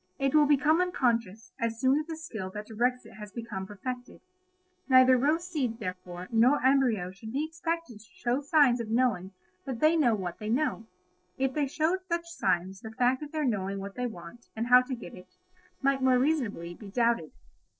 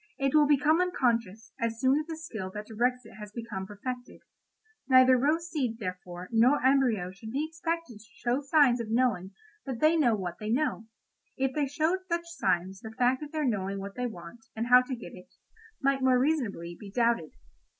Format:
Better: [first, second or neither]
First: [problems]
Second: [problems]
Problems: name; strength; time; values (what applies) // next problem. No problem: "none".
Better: second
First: noise reduction (neural separator model SepFormer DNS4)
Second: none